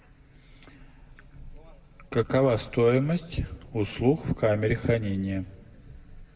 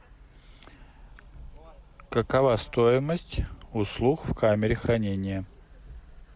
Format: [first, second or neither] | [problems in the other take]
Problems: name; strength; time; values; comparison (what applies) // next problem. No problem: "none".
second | room echo; dies away in 1.4 s